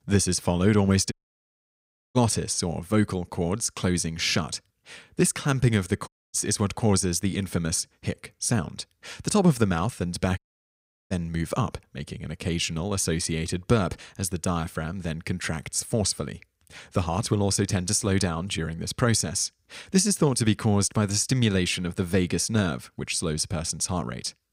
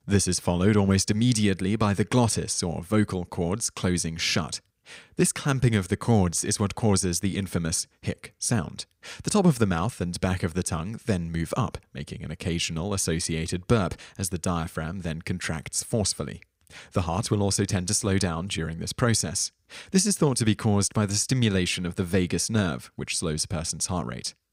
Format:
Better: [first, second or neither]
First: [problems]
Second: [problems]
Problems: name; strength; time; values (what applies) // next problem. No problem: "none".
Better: second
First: audio cutting out; at 1 s for 1 s, at 6 s and at 10 s for 0.5 s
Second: none